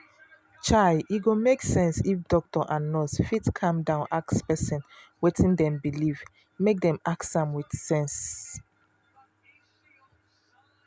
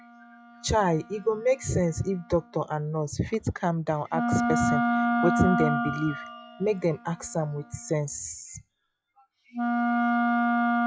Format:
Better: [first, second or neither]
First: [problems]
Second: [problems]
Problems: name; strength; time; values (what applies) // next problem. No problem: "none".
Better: first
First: none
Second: noise reduction (classical method log-MMSE)